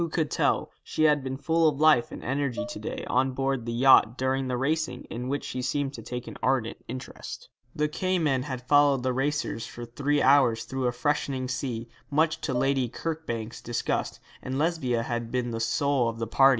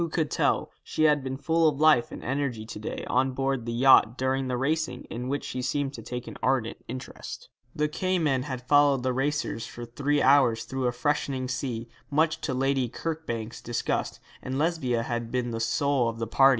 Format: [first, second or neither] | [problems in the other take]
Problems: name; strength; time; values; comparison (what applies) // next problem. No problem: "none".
second | background sound (Dishes, pots, and pans); 13 dB below the speech